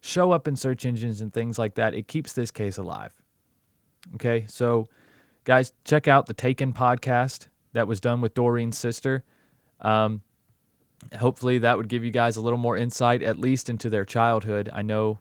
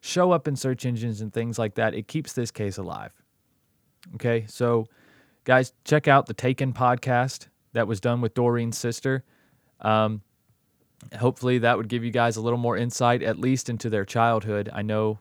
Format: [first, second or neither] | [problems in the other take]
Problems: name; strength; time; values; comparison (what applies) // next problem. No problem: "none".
second | garbled, watery; slightly; nothing above 19 kHz